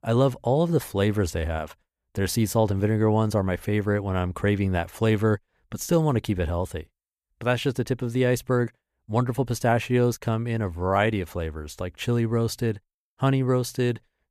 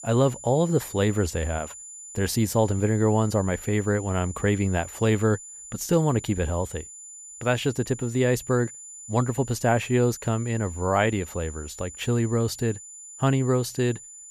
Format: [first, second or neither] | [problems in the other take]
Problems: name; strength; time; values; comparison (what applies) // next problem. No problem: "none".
first | high-pitched whine; noticeable; throughout; 7 kHz, 15 dB below the speech